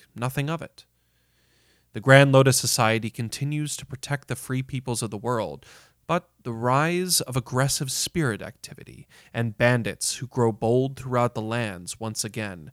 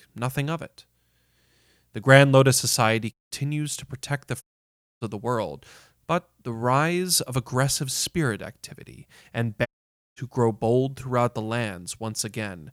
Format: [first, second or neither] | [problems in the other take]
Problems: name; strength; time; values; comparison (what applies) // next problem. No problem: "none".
first | audio cutting out; at 3 s, at 4.5 s for 0.5 s and at 9.5 s for 0.5 s